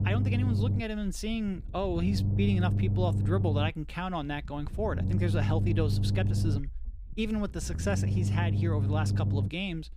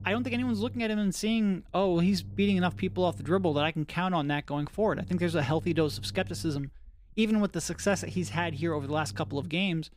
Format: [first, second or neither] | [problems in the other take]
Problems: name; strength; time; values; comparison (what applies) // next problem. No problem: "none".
second | low rumble; loud; throughout; 6 dB below the speech; faint in the second